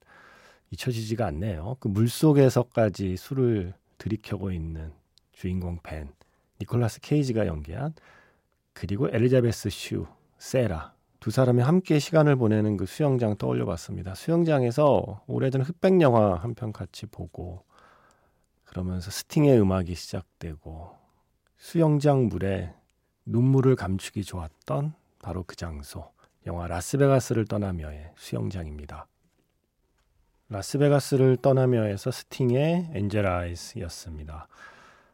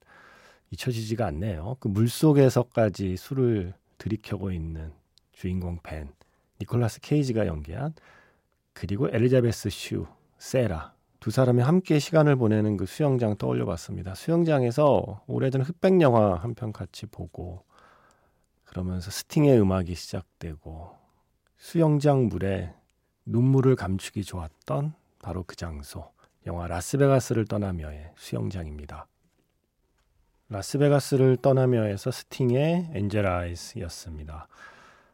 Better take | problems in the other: neither | none

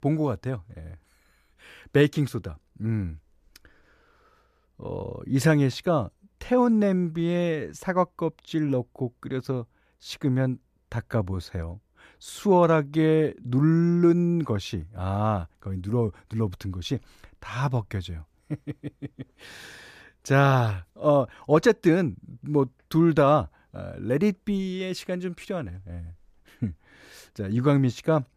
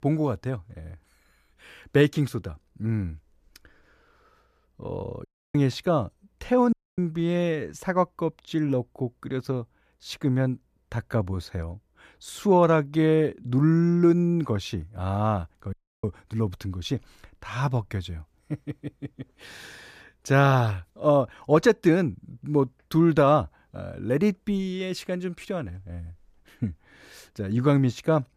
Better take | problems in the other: first | audio cutting out; at 5.5 s, at 6.5 s and at 16 s

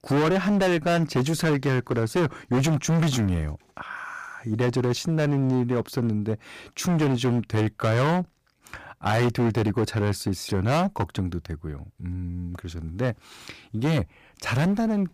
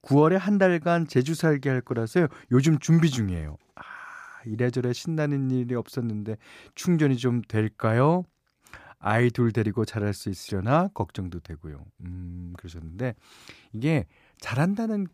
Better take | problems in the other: second | distortion; heavy; 19% of the sound clipped

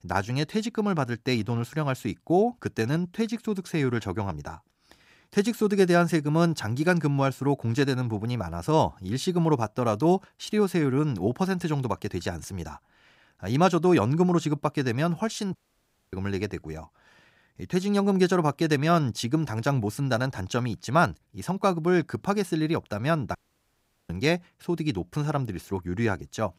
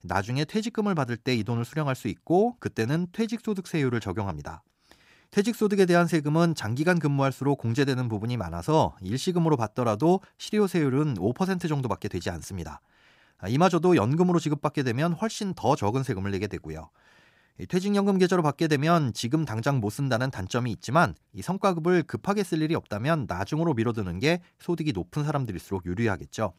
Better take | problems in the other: second | audio cutting out; at 16 s for 0.5 s and at 23 s for 0.5 s

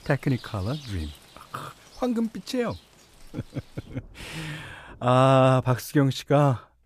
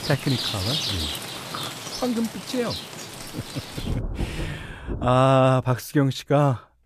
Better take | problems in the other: first | rain or running water; loud; until 5 s; 7 dB below the speech; faint in the first

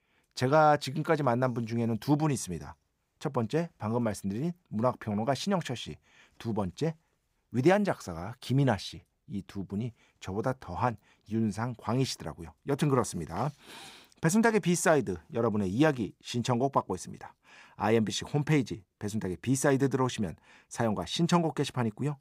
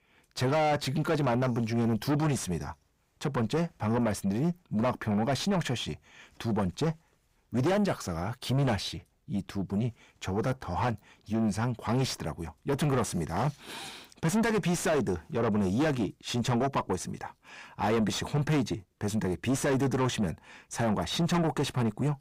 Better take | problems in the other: first | distortion; heavy; 6 dB below the speech

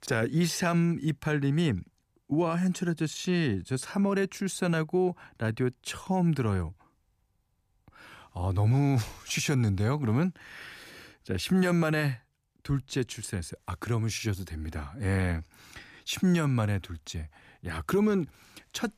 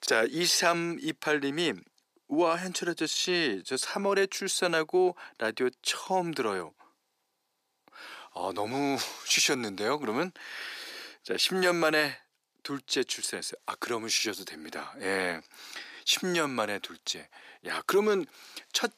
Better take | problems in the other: first | thin; very; fading below 350 Hz

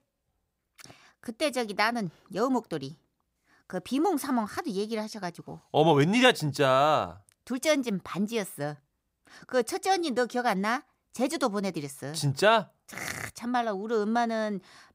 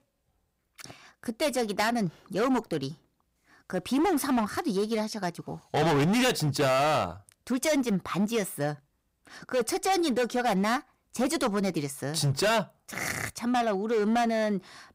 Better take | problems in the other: first | distortion; heavy; 12% of the sound clipped

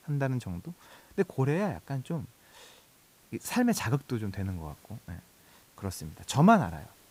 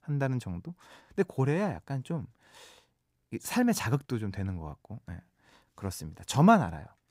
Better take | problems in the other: second | hiss; faint; throughout; 30 dB below the speech

